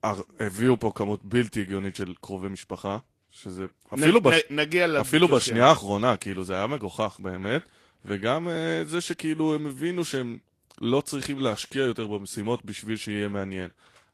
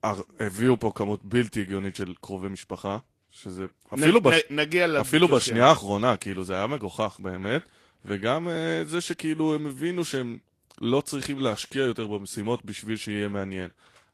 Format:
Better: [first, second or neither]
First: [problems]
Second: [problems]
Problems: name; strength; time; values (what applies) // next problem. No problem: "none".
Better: neither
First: garbled, watery; slightly; nothing above 11.5 kHz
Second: garbled, watery; slightly; nothing above 11.5 kHz